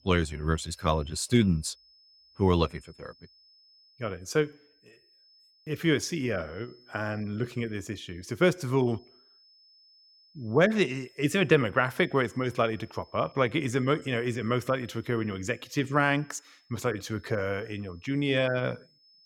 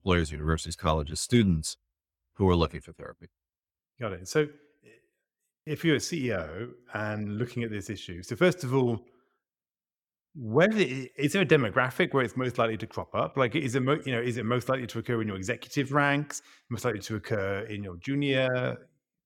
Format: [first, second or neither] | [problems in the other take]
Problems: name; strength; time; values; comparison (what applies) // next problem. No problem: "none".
second | high-pitched whine; faint; throughout; 5 kHz, 30 dB below the speech